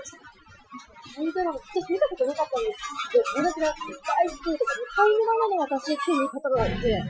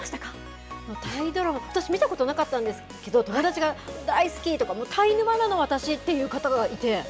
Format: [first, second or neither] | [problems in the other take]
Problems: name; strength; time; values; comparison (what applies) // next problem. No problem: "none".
second | noise reduction (classical method Wiener filter)